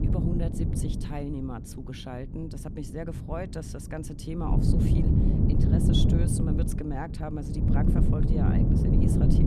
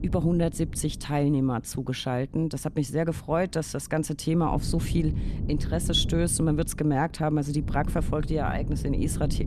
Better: second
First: wind noise on the microphone; heavy; 4 dB above the speech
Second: wind noise on the microphone; occasional gusts; 15 dB below the speech

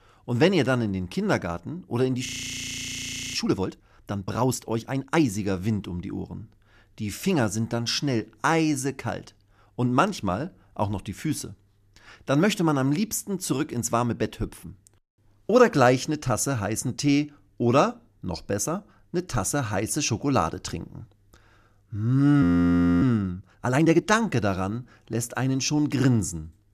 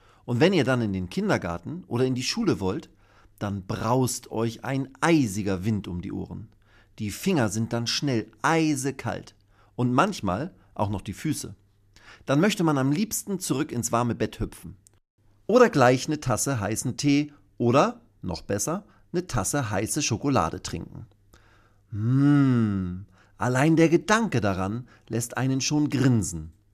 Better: second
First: audio freezing; at 2.5 s for 1 s and at 22 s for 0.5 s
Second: none

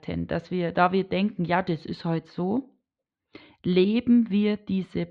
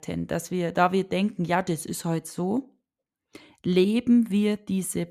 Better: second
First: muffled; very slightly; fading above 4 kHz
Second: none

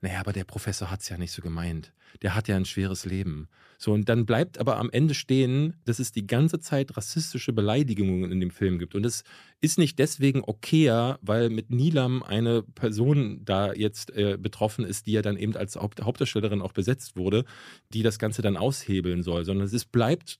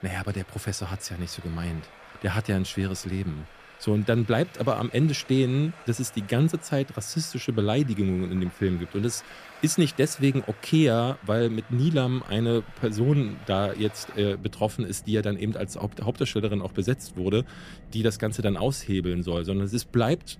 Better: first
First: none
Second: traffic noise; faint; throughout; 20 dB below the speech

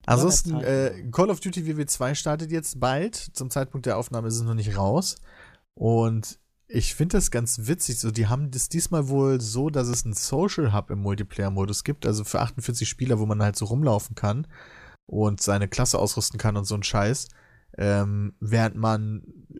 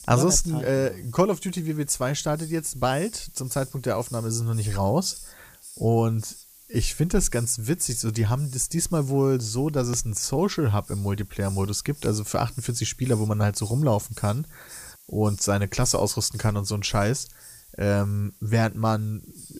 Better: first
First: none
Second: hiss; noticeable; throughout; 20 dB below the speech

